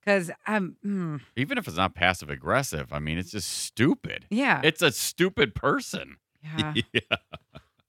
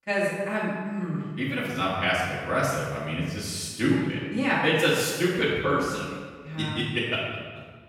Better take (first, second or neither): first